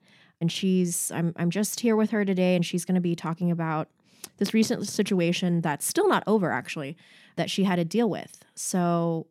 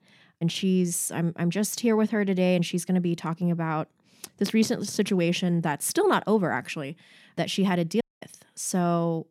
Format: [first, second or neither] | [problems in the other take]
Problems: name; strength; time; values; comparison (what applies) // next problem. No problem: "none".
first | audio cutting out; at 8 s